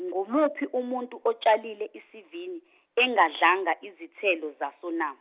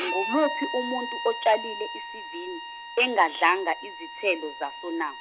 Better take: first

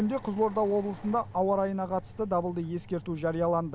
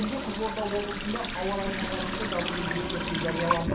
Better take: first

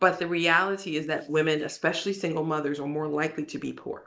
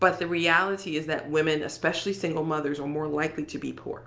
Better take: second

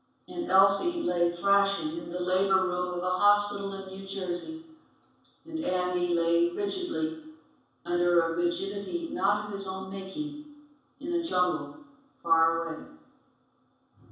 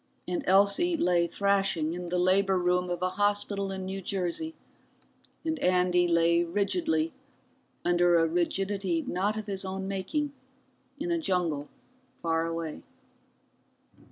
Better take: second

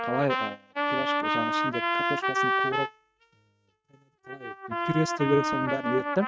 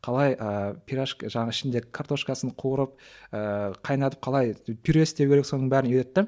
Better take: second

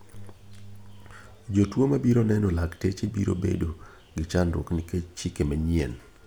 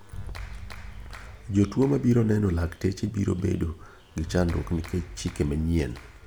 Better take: first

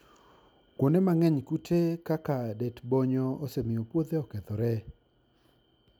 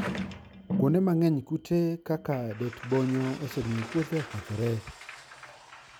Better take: first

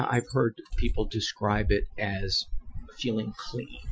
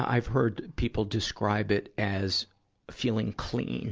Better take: second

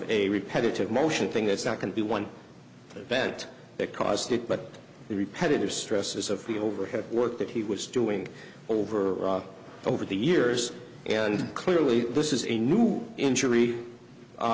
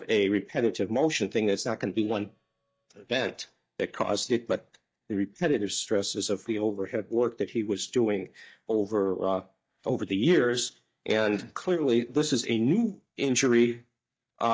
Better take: first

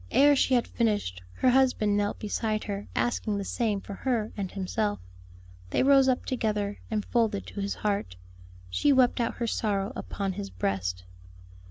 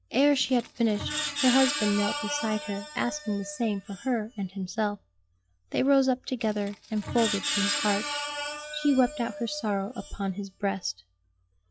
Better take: first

